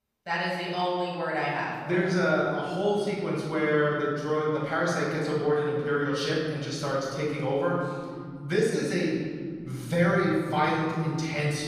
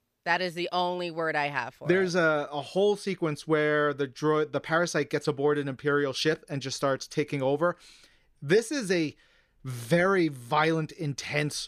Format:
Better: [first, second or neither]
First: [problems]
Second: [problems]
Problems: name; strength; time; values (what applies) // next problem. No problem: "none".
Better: second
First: off-mic speech; far // room echo; noticeable; dies away in 2.8 s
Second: none